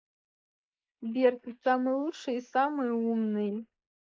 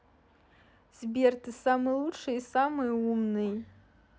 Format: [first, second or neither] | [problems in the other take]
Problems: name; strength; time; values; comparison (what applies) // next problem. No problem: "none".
second | noise reduction (neural mask model Resemble Enhance denoiser)